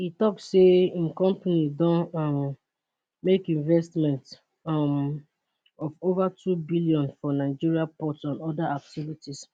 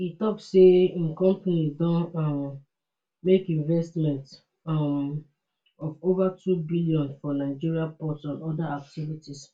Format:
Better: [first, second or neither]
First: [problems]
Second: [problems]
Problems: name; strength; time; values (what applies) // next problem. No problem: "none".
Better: first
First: none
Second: room echo; dies away in 0.2 s